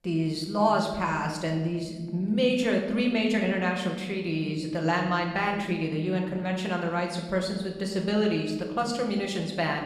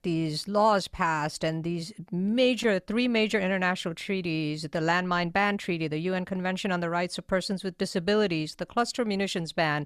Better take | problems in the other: second | room echo; noticeable; dies away in 1.3 s // off-mic speech; somewhat distant

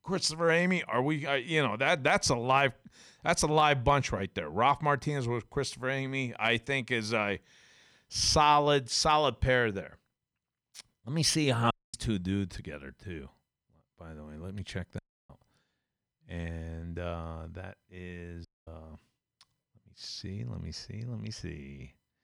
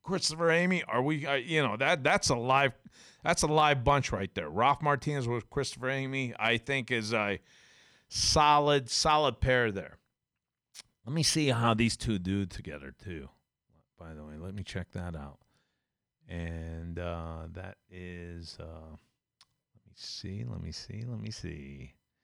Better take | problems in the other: second | audio cutting out; at 12 s, at 15 s and at 18 s

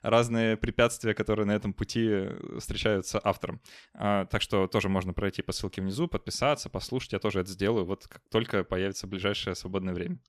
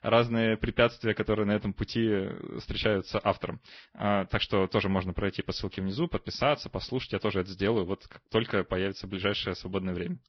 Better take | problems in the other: first | garbled, watery; badly; nothing above 5.5 kHz

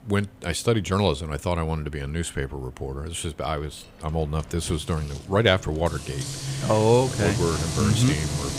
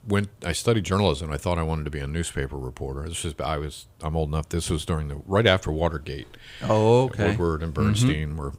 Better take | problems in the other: second | household noises; loud; throughout; 6 dB below the speech

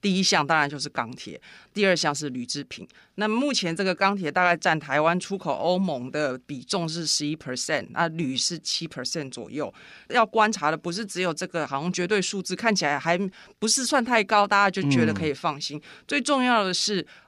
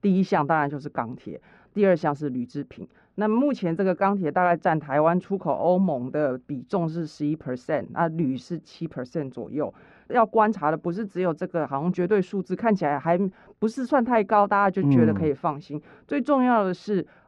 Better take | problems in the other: first | muffled; very; fading above 2.5 kHz

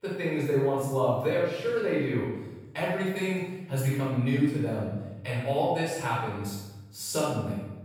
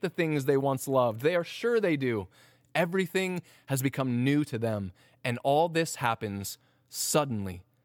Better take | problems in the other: second | off-mic speech; far // room echo; strong; dies away in 1 s

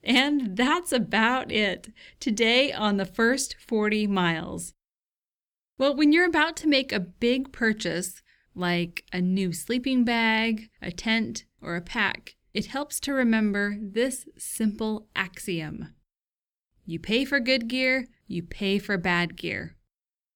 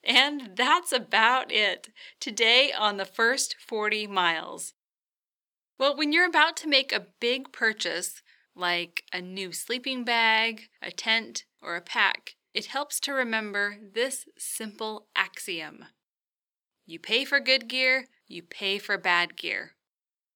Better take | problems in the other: first | thin; somewhat; fading below 500 Hz

